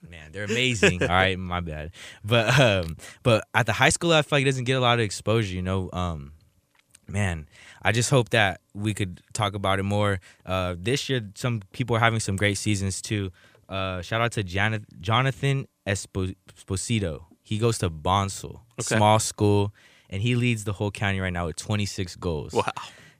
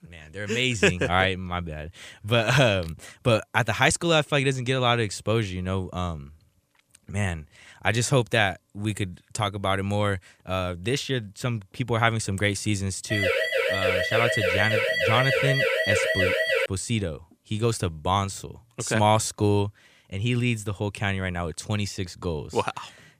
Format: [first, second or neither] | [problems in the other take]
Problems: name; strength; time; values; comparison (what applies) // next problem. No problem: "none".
first | siren; loud; from 13 to 17 s; peak 3 dB above the speech